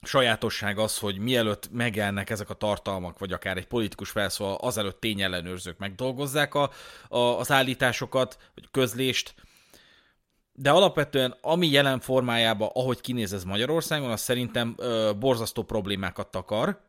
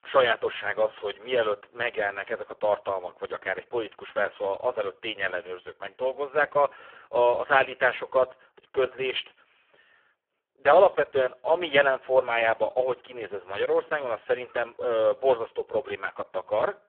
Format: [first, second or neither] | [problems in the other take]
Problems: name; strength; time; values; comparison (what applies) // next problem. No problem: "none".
first | phone-call audio; poor line